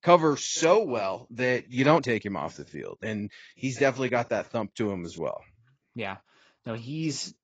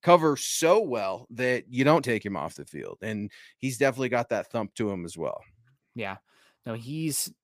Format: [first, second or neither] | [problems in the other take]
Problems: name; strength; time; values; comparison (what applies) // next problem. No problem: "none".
second | garbled, watery; badly; nothing above 7.5 kHz